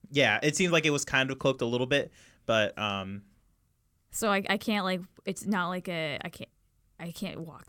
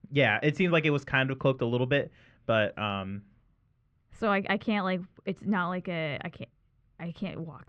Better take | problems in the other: first | muffled; very; fading above 3 kHz

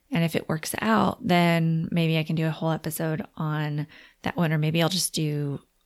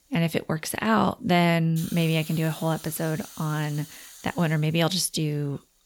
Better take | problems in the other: first | hiss; noticeable; throughout; 15 dB below the speech

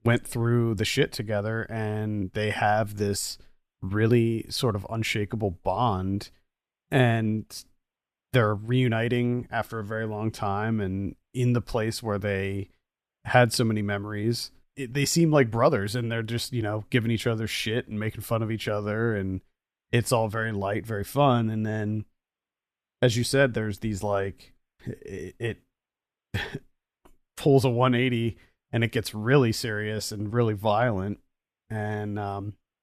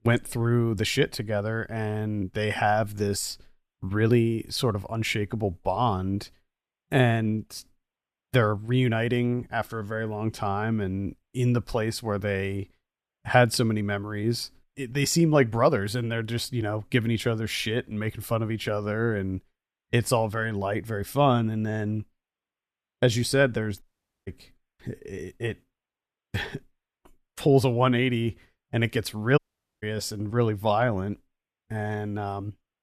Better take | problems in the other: first | audio cutting out; at 24 s and at 29 s

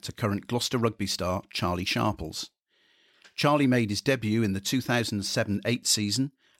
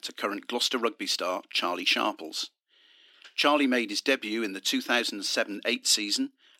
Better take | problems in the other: first | thin; very slightly; fading below 250 Hz

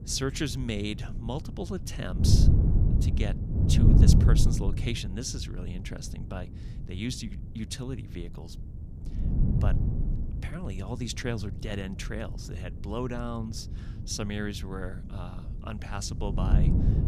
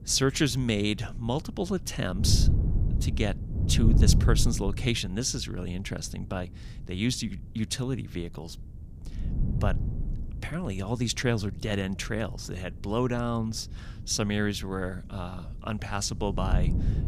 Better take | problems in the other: second | wind noise on the microphone; heavy; 3 dB below the speech; occasional gusts in the second

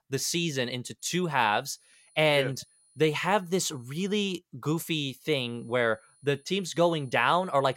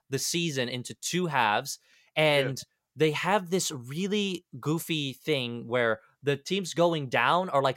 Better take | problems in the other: second | high-pitched whine; faint; from 1 to 4 s and from 5 s on; 9.5 kHz, 30 dB below the speech

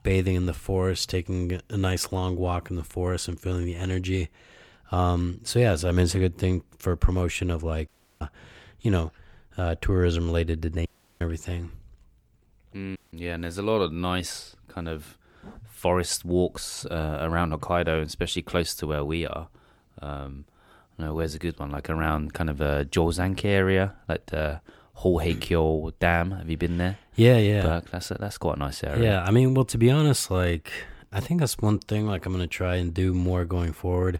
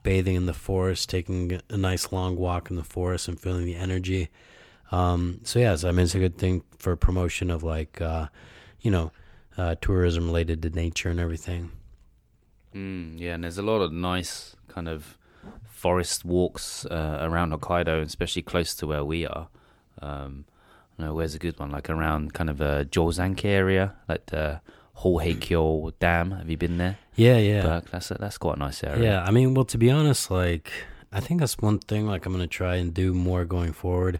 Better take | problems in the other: second | audio cutting out; at 8 s, at 11 s and at 13 s

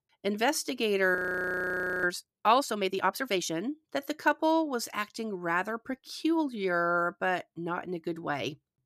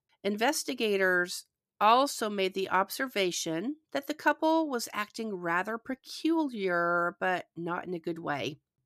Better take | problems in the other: second | audio freezing; at 1 s for 1 s

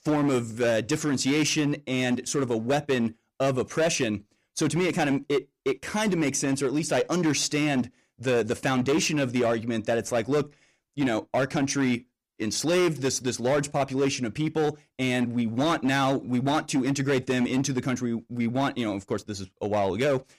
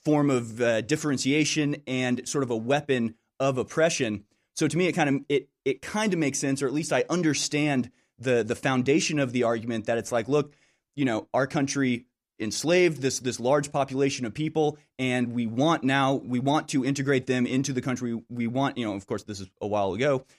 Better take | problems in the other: second | distortion; slight; 10% of the sound clipped

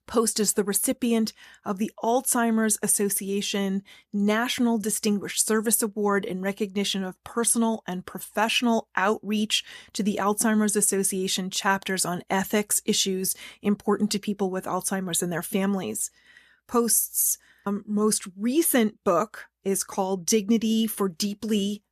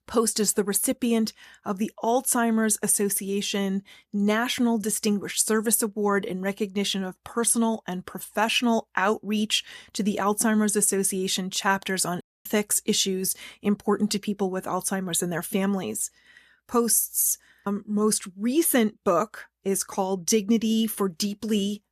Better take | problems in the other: first | audio cutting out; at 12 s

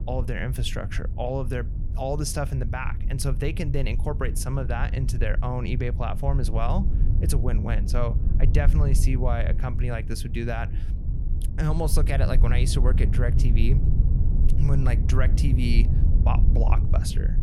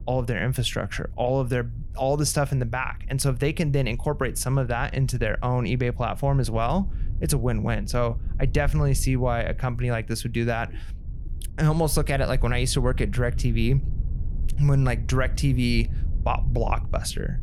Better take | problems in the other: second | low rumble; loud; throughout; 9 dB below the speech; faint in the second

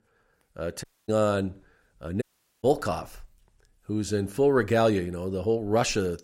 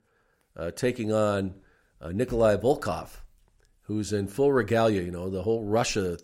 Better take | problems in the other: second | audio cutting out; at 1 s and at 2 s

